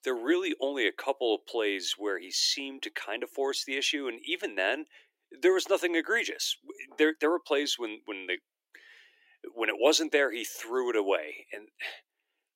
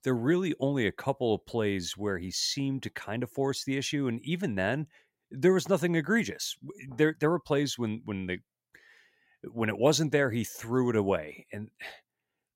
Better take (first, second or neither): second